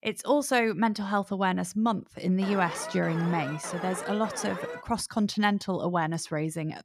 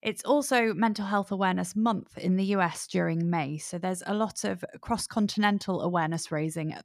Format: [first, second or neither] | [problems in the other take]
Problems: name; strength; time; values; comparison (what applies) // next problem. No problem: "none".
second | alarm; noticeable; from 2.5 to 5 s; peak 8 dB below the speech